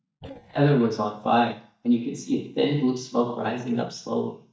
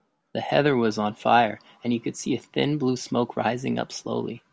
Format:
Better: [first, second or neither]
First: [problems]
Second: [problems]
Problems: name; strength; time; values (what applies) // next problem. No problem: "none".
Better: second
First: noise reduction (neural mask model DeepFilterNet 3)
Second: none